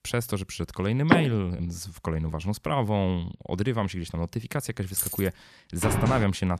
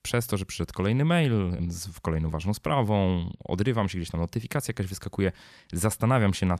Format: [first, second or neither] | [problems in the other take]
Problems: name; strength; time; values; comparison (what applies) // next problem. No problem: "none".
second | door banging; loud; at 1 s and at 6 s; peak 4 dB above the speech // jangling keys; noticeable; at 5 s; peak level with the speech